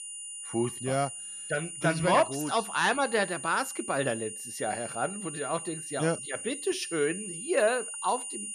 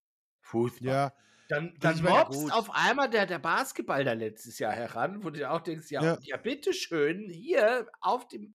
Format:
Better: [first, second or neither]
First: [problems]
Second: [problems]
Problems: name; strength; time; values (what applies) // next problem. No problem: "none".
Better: second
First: high-pitched whine; loud; throughout; 9.5 kHz, 7 dB below the speech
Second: none